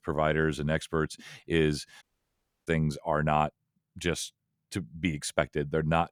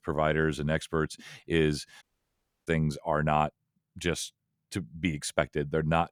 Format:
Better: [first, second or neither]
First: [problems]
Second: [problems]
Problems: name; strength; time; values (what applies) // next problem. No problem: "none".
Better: neither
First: audio cutting out; at 2 s for 0.5 s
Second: audio cutting out; at 2 s for 0.5 s